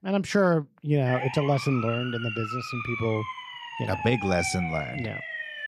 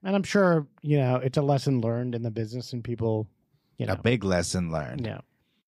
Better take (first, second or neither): second